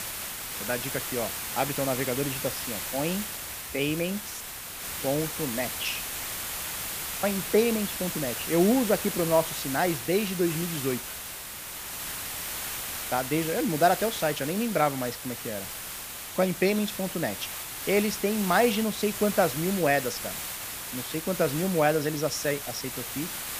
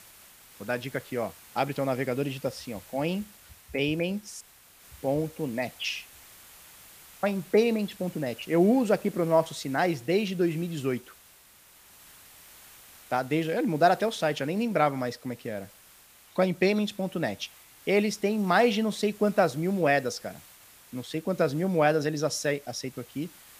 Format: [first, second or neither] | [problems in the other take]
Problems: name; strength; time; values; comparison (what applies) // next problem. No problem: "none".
second | hiss; loud; throughout; 5 dB below the speech; faint in the second